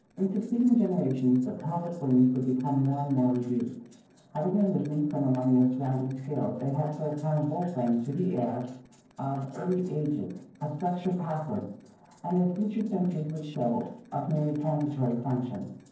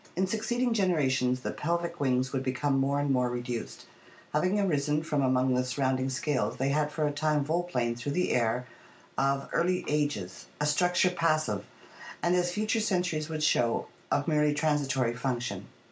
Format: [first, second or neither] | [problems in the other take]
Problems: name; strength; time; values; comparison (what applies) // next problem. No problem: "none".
second | noise reduction (neural separator model SepFormer DNS4)